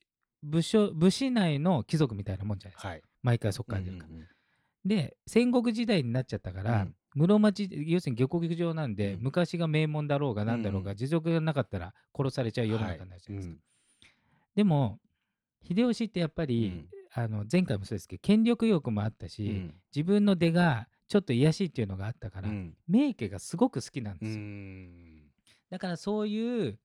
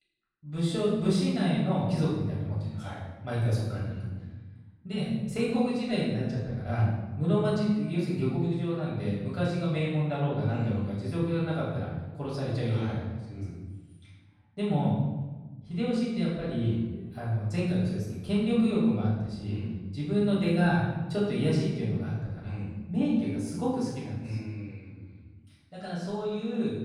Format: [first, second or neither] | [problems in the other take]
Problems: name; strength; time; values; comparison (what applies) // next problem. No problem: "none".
first | off-mic speech; far // room echo; noticeable; dies away in 1.1 s